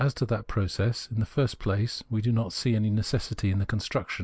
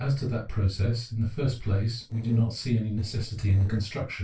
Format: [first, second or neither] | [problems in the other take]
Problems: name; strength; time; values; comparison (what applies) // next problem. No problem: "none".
first | noise reduction (neural separator model SepFormer DNS4)